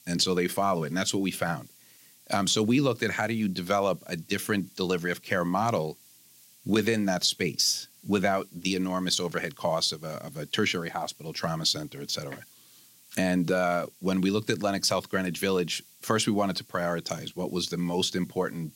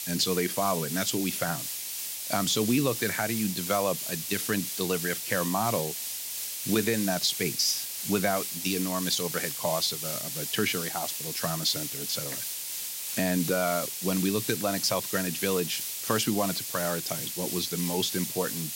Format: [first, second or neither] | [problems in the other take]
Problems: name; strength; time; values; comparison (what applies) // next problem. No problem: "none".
first | hiss; loud; throughout; 2 dB below the speech; faint in the first